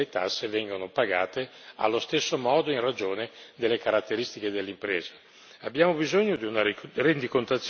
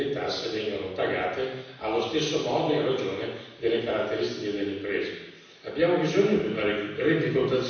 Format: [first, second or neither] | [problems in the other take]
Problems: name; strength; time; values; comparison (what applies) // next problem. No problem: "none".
first | room echo; dies away in 1.1 s